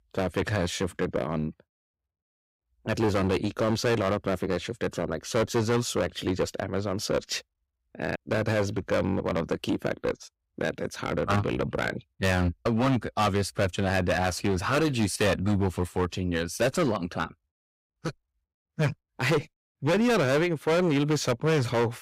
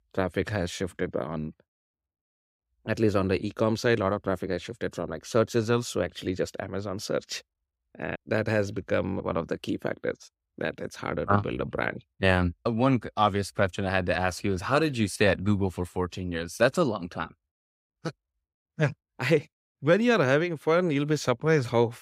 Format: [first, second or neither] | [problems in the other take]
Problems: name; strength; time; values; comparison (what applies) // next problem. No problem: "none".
second | distortion; heavy; 12% of the sound clipped